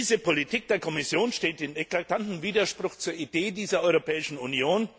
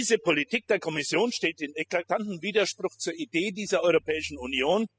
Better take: first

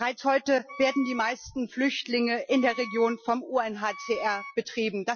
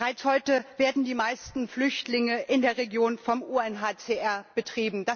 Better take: second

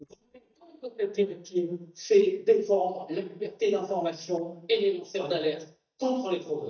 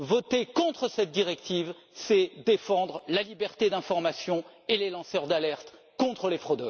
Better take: second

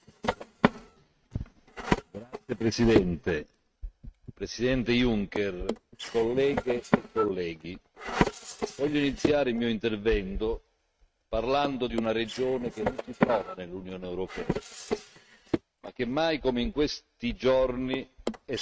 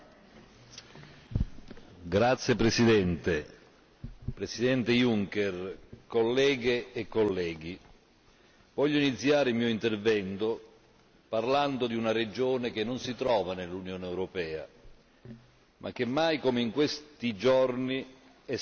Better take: second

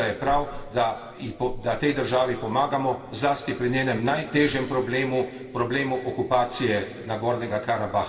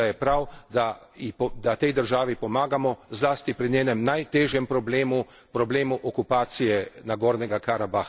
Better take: second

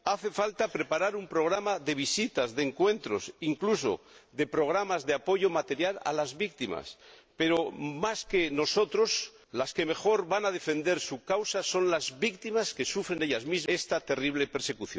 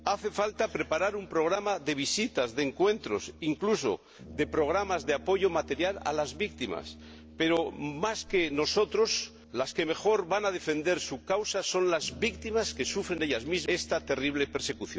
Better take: first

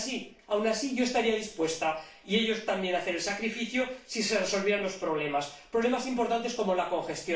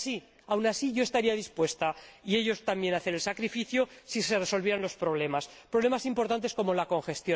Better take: second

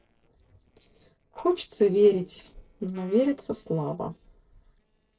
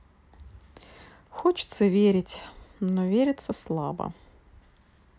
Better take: second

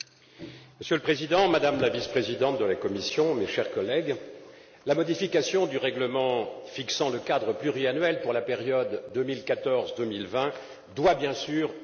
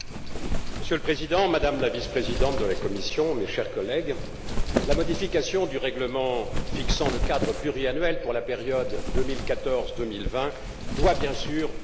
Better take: first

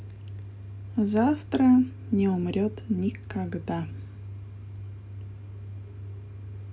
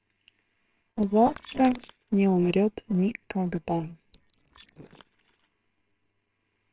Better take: first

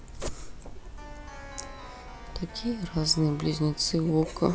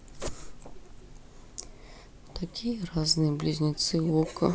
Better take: second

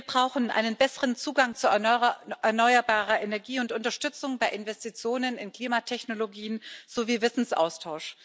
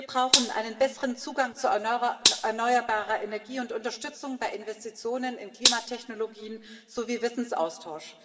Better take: first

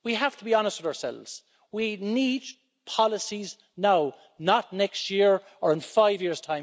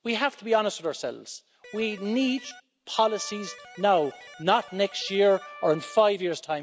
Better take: first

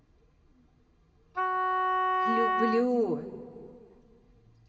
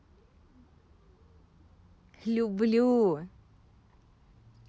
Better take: second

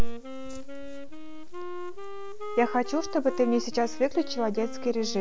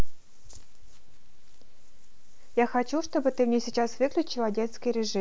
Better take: second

